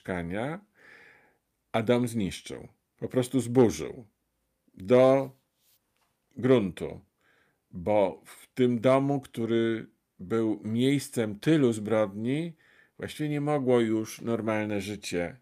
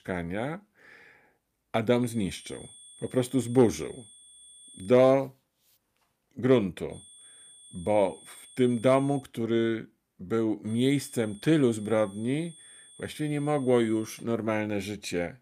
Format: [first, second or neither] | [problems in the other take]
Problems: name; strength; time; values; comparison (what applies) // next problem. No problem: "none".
first | high-pitched whine; faint; from 2 to 5 s, from 7 to 9 s and from 11 to 14 s; 8.5 kHz, 20 dB below the speech